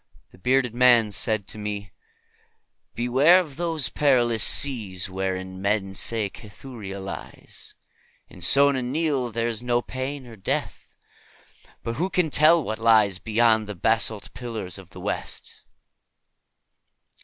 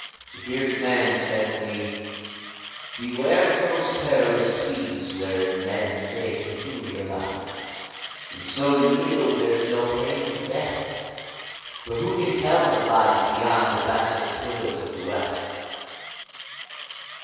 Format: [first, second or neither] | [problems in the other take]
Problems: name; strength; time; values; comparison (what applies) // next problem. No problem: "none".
first | background sound (Mechanisms); 13 dB below the speech // room echo; dies away in 2.2 s